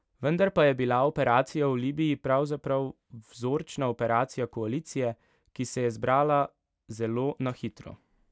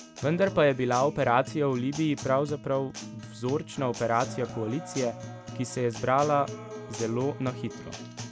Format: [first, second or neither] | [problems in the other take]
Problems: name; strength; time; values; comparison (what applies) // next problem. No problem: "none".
first | background sound (Acoustic guitar); 12 dB below the speech